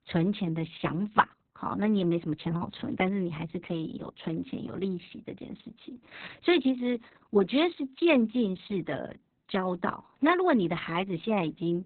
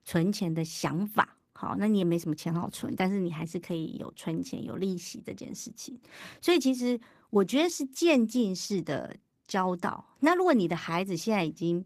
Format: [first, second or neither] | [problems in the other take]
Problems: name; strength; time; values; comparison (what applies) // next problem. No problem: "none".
second | garbled, watery; badly; nothing above 4 kHz; slightly in the second